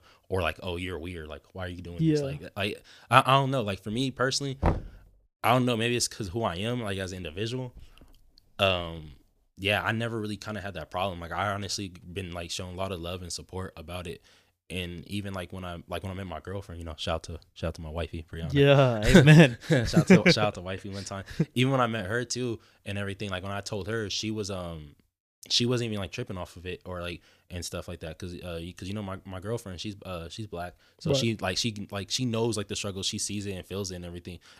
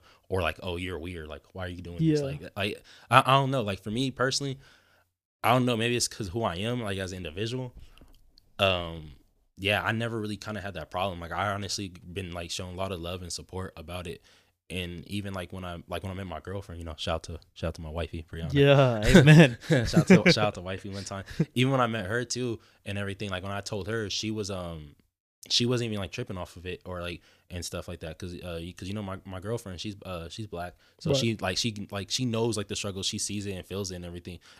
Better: second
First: door banging; noticeable; at 4.5 s; peak 2 dB below the speech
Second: none

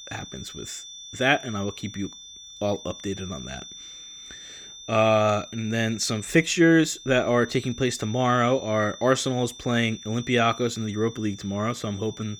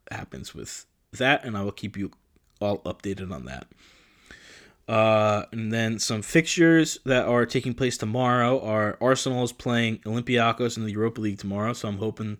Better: second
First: high-pitched whine; noticeable; throughout; 3.5 kHz, 15 dB below the speech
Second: none

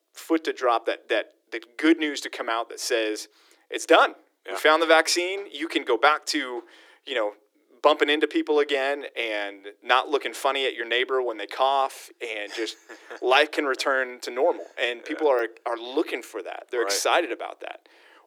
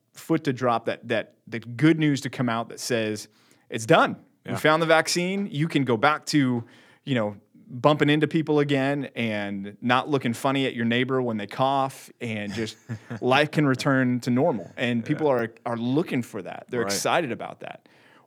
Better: second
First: thin; very; fading below 300 Hz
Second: none

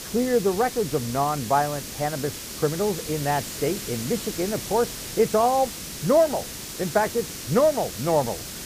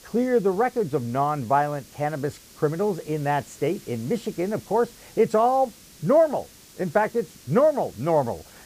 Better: second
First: hiss; loud; throughout; 8 dB below the speech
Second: hiss; faint; throughout; 20 dB below the speech

